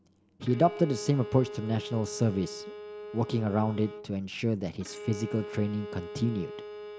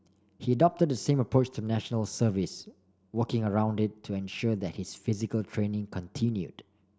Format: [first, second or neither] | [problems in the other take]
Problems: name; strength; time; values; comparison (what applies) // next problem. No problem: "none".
second | background sound (Bowed string instrument); 12 dB below the speech